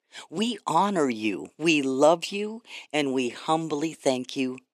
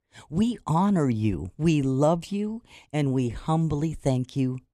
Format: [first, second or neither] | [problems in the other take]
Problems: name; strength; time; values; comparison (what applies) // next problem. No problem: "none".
second | thin; somewhat; fading below 300 Hz